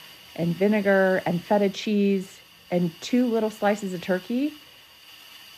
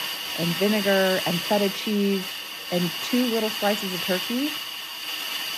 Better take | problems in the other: first | hiss; loud; throughout; 2 dB below the speech; faint in the first

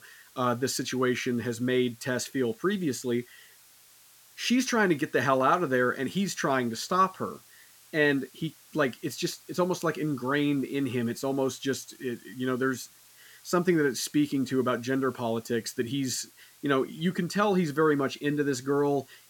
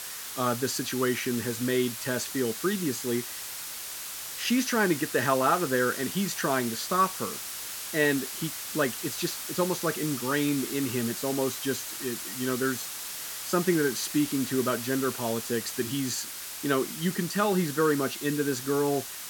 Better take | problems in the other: first | hiss; loud; throughout; 6 dB below the speech; faint in the first

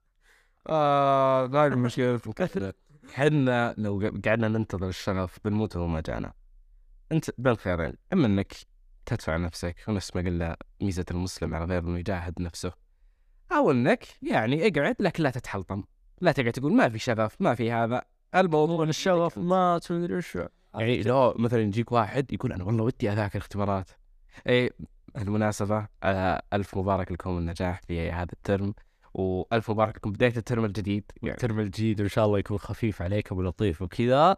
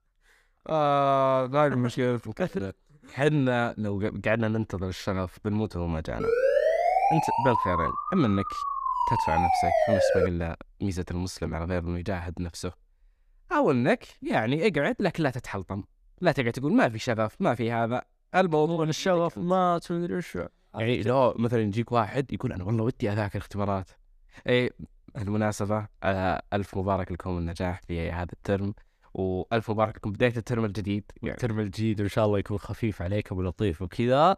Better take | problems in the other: first | siren; loud; from 6 to 10 s; peak 5 dB above the speech

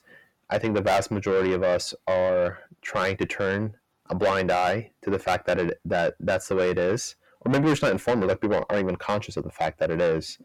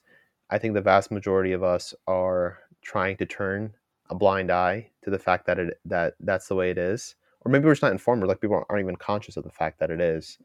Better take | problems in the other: second | distortion; heavy; 7 dB below the speech

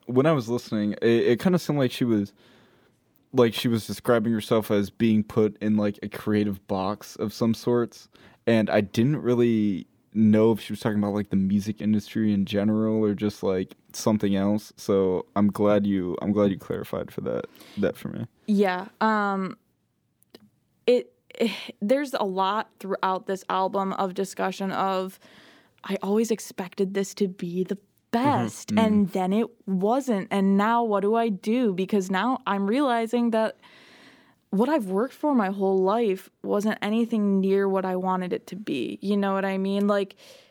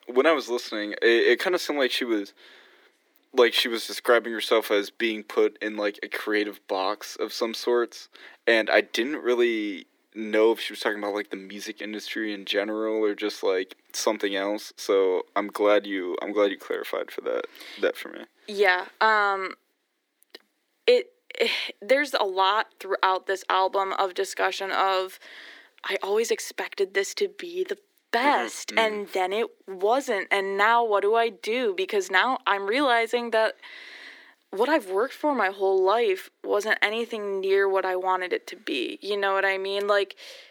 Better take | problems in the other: first | thin; very; fading below 300 Hz

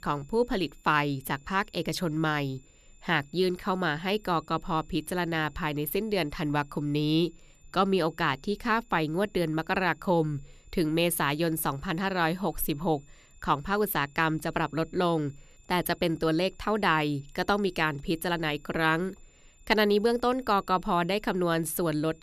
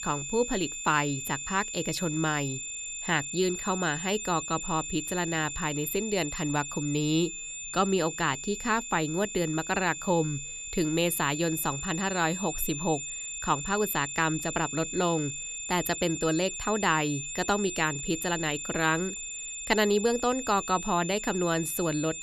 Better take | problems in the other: first | high-pitched whine; loud; throughout; 7 kHz, 6 dB below the speech; faint in the first

